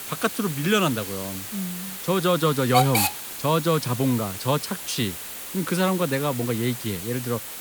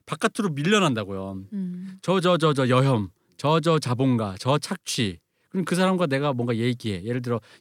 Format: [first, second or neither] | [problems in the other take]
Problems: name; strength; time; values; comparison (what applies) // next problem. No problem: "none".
second | hiss; loud; throughout; 5 dB below the speech